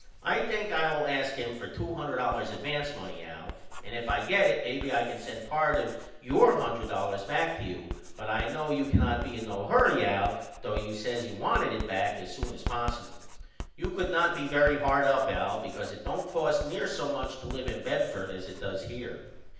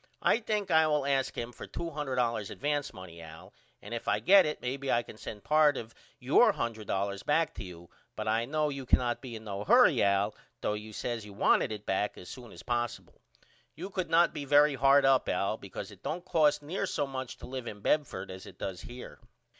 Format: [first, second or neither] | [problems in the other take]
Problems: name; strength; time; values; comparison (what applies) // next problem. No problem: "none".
second | background sound (Writing); 11 dB below the speech // room echo; dies away in 0.9 s